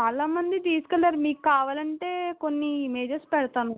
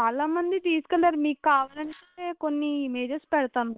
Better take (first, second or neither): first